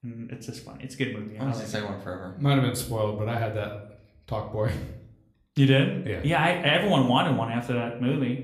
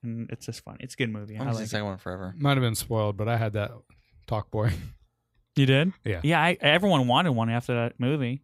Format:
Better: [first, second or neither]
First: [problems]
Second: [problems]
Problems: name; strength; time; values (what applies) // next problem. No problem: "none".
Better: second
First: room echo; slight; dies away in 0.5 s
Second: none